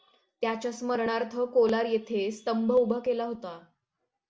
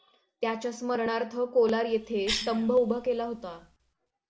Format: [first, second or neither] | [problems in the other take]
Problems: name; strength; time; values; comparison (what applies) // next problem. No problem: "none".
first | background sound (Cough); 12 dB below the speech